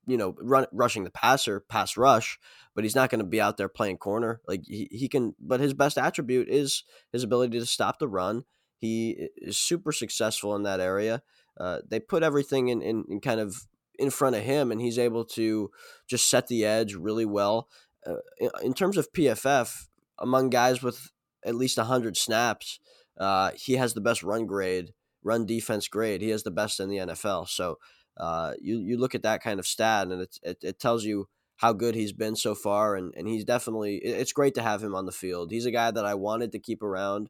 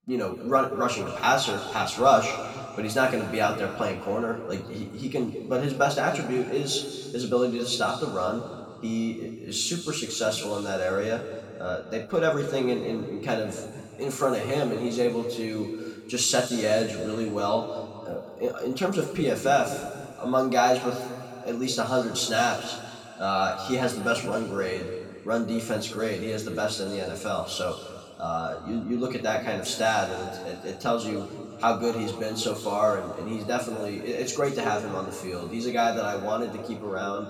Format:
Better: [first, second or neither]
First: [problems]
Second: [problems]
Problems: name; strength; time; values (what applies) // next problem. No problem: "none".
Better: first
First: none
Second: room echo; noticeable; dies away in 2.2 s // off-mic speech; far